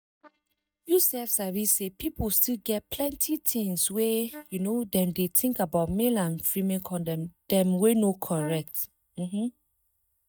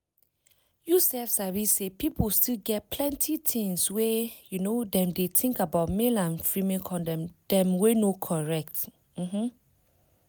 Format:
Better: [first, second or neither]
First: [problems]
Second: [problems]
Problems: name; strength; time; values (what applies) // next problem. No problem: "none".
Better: second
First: noise reduction (neural mask model DeepFilterNet 3)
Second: none